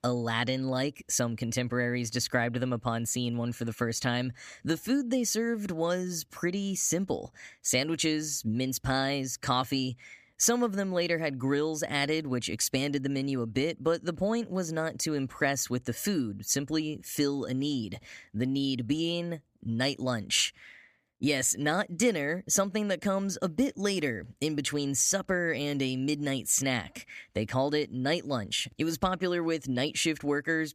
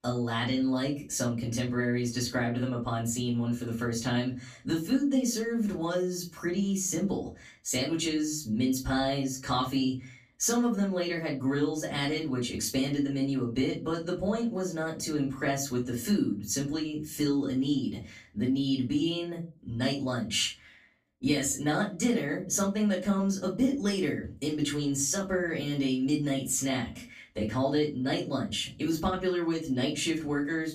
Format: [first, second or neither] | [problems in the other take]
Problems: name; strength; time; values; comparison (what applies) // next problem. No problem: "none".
first | off-mic speech; far // room echo; very slight; dies away in 0.3 s